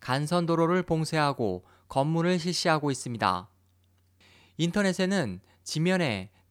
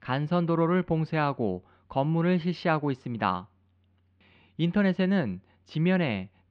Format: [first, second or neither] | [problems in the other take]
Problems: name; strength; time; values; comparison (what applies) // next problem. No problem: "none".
first | muffled; slightly; fading above 3 kHz